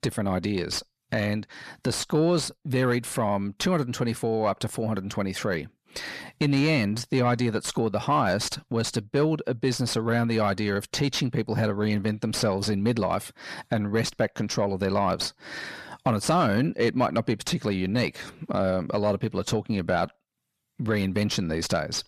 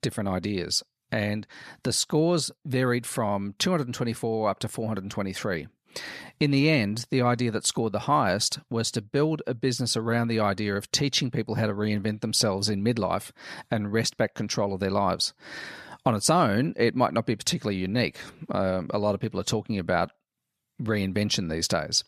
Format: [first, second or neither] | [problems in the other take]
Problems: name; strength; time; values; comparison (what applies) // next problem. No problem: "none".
second | distortion; slight; 10 dB below the speech